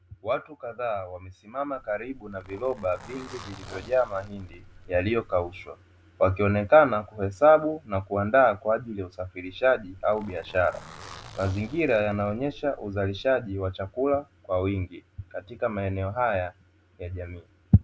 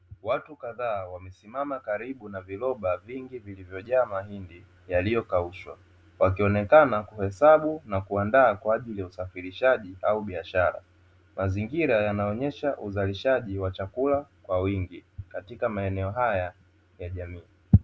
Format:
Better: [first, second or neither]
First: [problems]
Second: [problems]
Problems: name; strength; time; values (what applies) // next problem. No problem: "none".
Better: second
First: background sound (Zipper (clothing)); 20 dB below the speech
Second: none